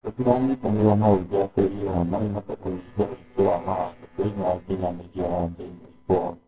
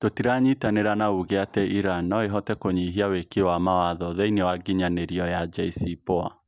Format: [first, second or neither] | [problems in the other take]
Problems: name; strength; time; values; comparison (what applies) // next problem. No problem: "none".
second | noise reduction (neural separator model SepFormer WHAMR!)